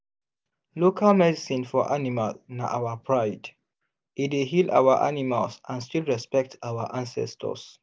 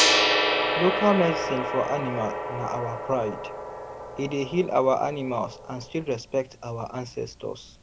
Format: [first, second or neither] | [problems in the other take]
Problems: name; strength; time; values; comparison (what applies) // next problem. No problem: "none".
first | background sound (Gong); 1 dB below the speech